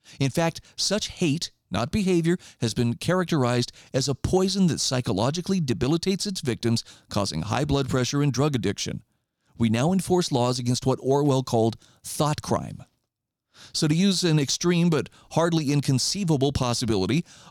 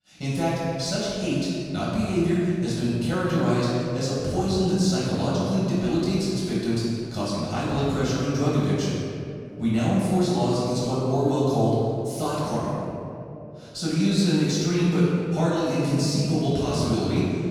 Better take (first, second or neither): first